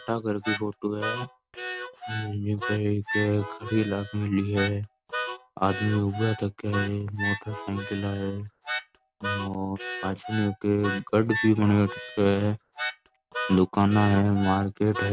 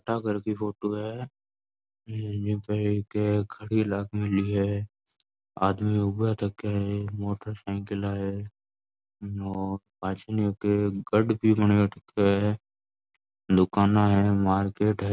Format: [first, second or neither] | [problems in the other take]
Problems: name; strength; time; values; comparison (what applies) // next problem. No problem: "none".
second | background sound (Harmonica); 9 dB below the speech